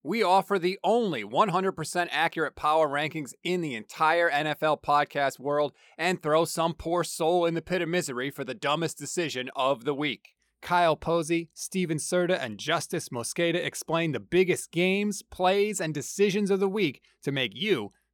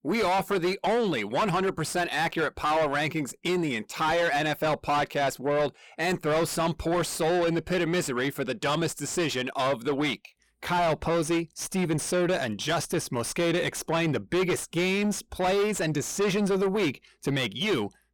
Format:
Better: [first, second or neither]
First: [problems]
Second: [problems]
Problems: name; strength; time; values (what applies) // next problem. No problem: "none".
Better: first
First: none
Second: distortion; heavy; 7 dB below the speech